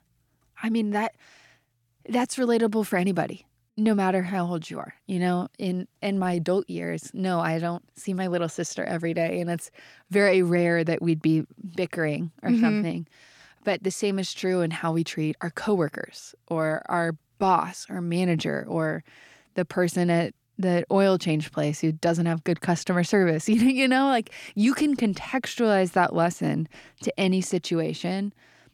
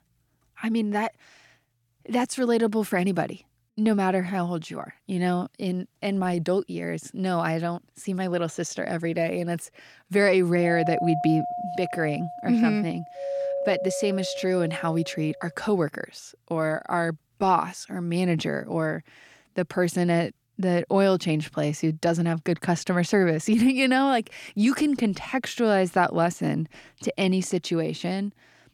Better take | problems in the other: first | doorbell; noticeable; from 11 to 15 s; peak 3 dB below the speech

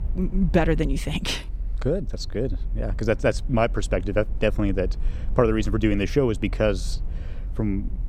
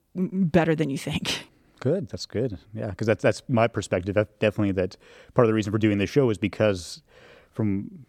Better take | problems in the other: second | low rumble; faint; throughout; 25 dB below the speech

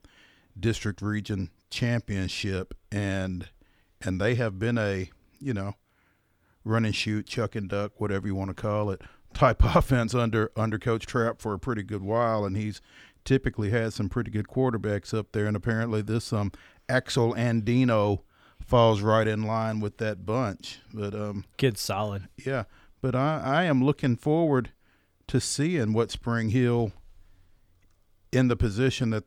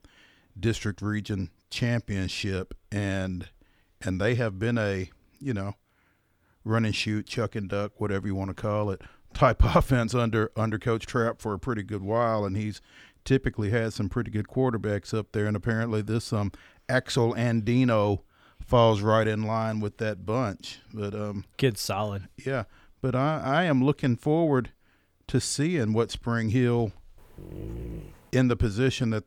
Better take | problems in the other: first | dog barking; faint; at 27 s; peak 10 dB below the speech

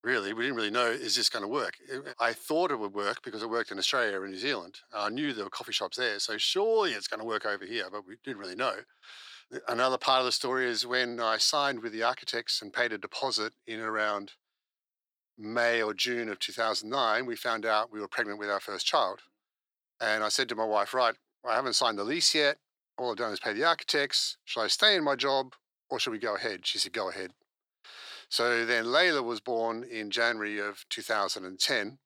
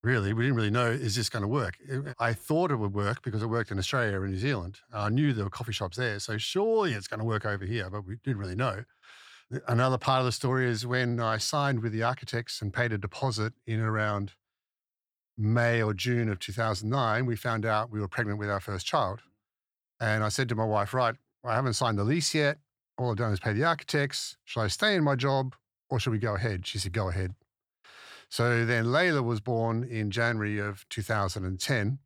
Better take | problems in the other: second | thin; somewhat; fading below 350 Hz

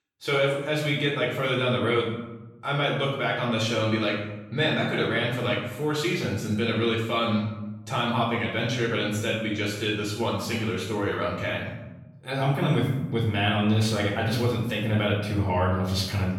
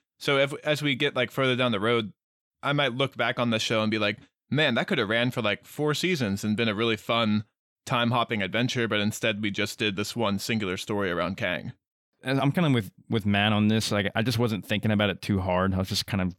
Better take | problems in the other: second | off-mic speech; far // room echo; noticeable; dies away in 0.9 s

